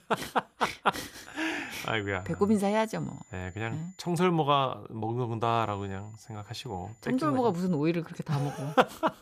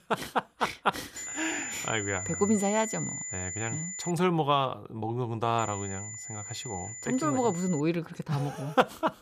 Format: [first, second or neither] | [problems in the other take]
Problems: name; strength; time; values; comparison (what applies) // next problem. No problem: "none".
first | high-pitched whine; loud; from 1 to 4 s and from 5.5 to 8 s; 7 kHz, 6 dB below the speech; faint in the first